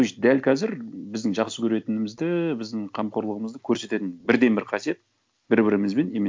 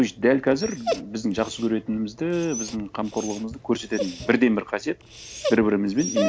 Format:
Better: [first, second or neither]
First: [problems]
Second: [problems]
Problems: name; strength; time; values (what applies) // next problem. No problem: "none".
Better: first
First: none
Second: background sound (Dog); 9 dB below the speech